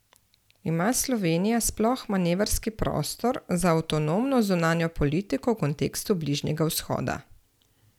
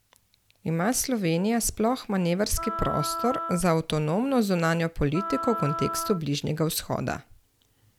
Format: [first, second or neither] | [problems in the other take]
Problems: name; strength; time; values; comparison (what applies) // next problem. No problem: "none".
first | background sound (Wind instrument, woodwind instrument); 8 dB below the speech